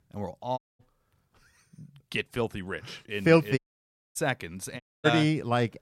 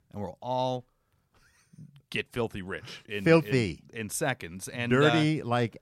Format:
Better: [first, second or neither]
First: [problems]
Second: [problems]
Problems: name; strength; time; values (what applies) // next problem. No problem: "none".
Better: second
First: audio cutting out; at 0.5 s, at 3.5 s for 0.5 s and at 5 s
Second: none